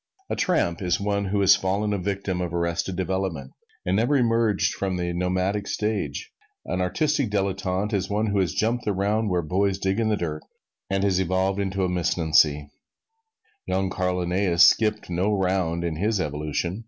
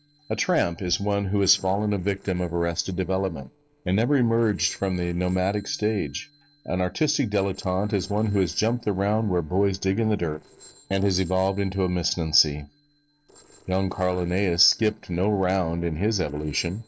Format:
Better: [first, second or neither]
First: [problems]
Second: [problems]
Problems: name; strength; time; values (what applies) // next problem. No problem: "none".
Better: first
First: none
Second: noise reduction (neural separator model SepFormer DNS4)